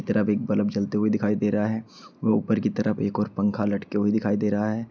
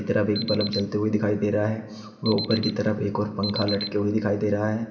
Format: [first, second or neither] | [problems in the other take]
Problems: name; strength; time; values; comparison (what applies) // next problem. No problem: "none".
first | background sound (Alarm); 10 dB below the speech // room echo; dies away in 1.3 s